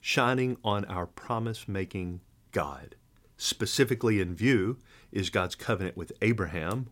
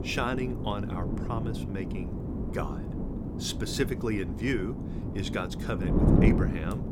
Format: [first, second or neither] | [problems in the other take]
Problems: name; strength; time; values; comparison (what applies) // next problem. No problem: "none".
first | wind noise on the microphone; heavy; 2 dB below the speech